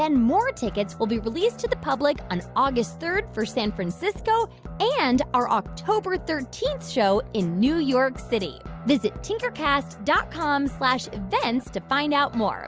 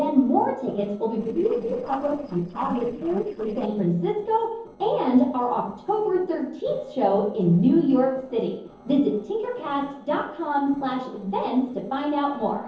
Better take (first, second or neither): first